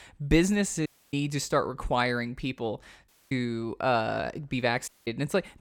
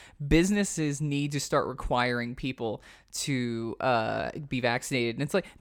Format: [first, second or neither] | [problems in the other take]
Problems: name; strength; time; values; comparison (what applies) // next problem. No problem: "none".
second | audio cutting out; at 1 s, at 3 s and at 5 s